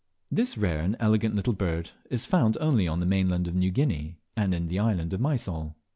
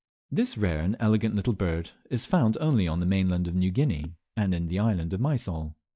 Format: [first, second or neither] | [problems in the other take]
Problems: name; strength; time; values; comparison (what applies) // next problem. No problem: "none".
first | noise reduction (neural mask model DeepFilterNet 3)